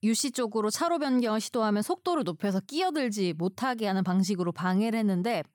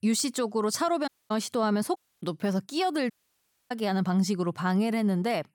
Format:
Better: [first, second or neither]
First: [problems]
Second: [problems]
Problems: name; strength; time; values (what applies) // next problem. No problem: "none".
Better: first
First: none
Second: audio cutting out; at 1 s, at 2 s and at 3 s for 0.5 s